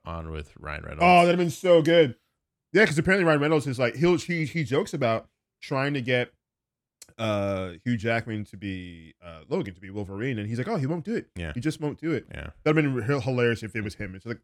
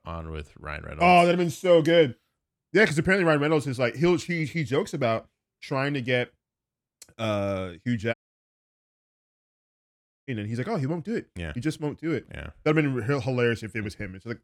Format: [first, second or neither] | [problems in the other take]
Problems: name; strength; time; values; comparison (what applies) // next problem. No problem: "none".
first | audio cutting out; at 8 s for 2 s